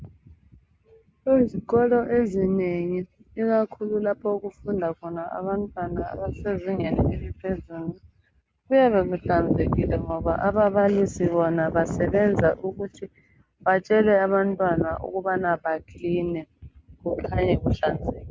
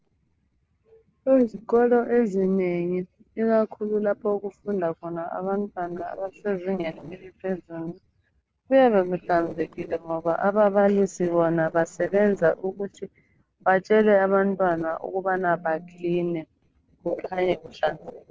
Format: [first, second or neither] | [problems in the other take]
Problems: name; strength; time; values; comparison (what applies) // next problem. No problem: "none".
first | noise reduction (neural separator model SepFormer DNS4)